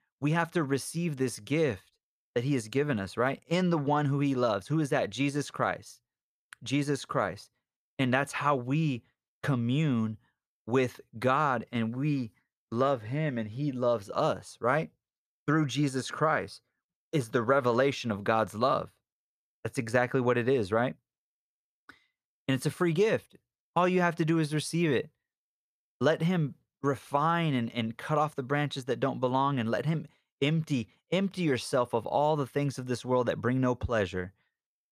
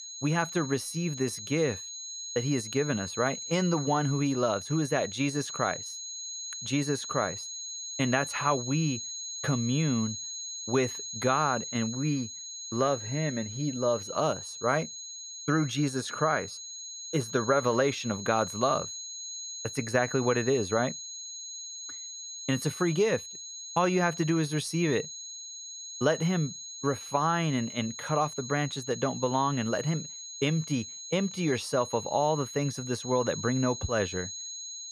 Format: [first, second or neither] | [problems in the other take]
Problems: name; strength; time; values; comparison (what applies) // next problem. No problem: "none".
first | high-pitched whine; loud; throughout; 6.5 kHz, 8 dB below the speech